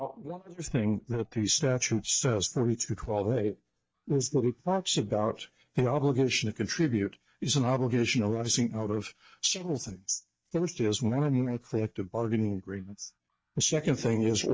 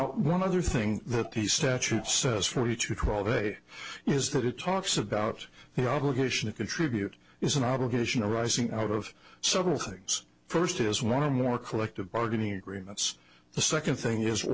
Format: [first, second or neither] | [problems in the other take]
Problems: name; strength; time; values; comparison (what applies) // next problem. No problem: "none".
second | noise reduction (neural mask model DeepFilterNet 3)